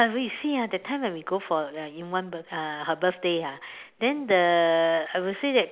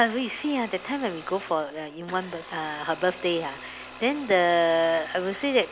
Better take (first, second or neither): first